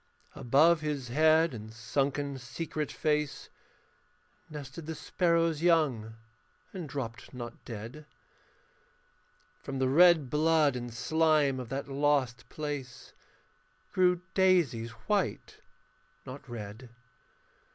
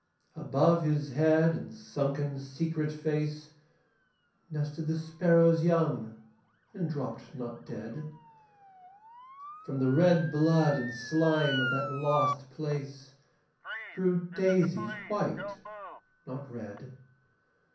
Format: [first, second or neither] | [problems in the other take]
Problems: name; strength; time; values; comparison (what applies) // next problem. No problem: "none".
first | background sound (Motor vehicle (road) / Siren); 13 dB below the speech // room echo; dies away in 0.6 s